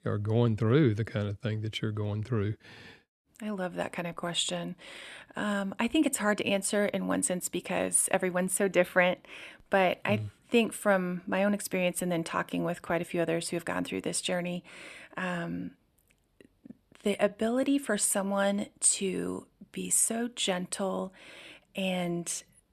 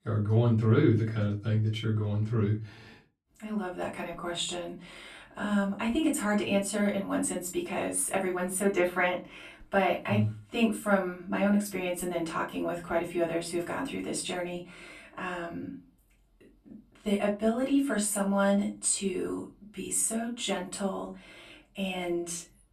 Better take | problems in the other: first | off-mic speech; far // room echo; very slight; dies away in 0.2 s

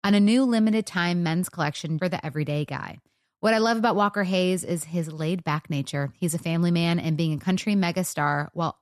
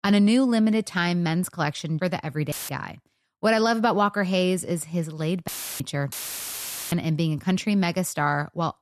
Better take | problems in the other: first | audio cutting out; filled with static; at 2.5 s, at 5.5 s and at 6 s for 1 s

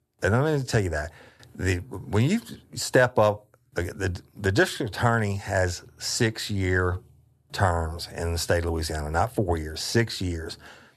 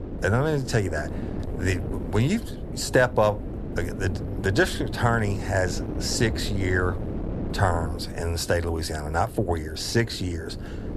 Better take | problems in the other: first | wind noise on the microphone; occasional gusts; 15 dB below the speech

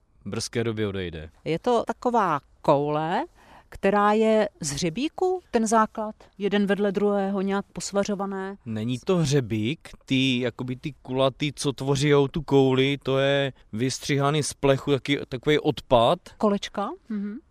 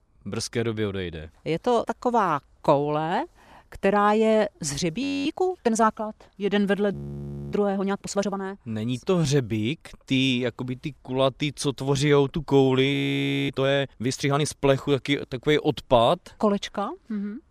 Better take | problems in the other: first | audio freezing; at 5 s, at 7 s for 0.5 s and at 13 s for 0.5 s

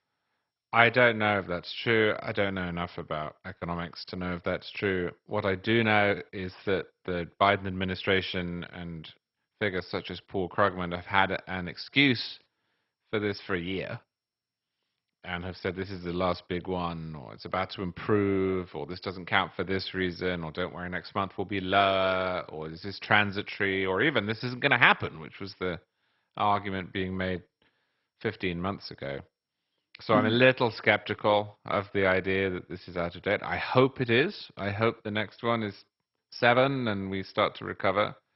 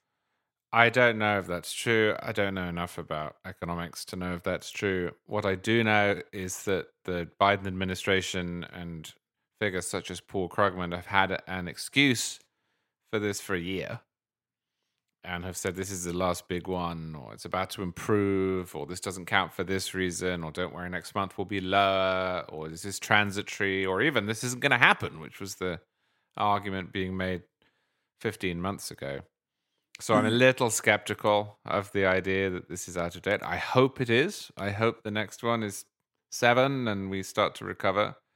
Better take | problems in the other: second | garbled, watery; badly; nothing above 5.5 kHz

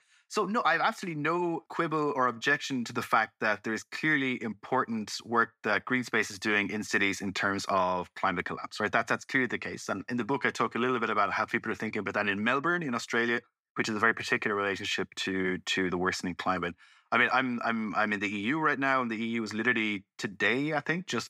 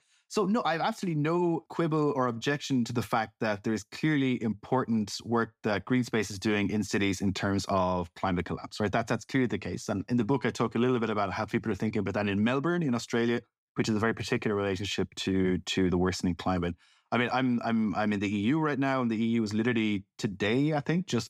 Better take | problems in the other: second | thin; somewhat; fading below 650 Hz

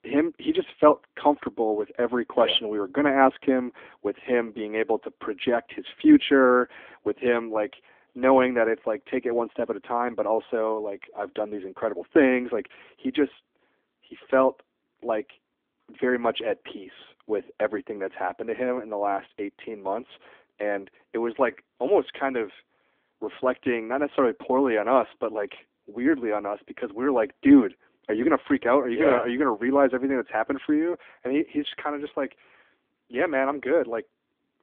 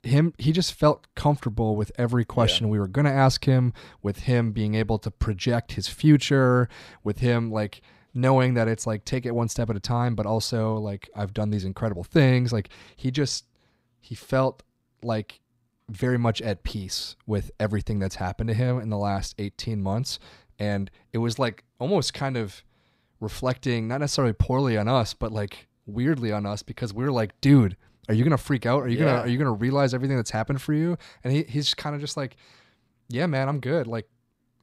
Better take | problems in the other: second | phone-call audio; nothing above 3.5 kHz

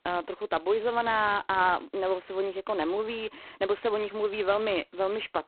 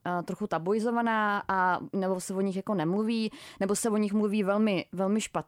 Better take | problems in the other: second | phone-call audio; poor line; nothing above 4 kHz

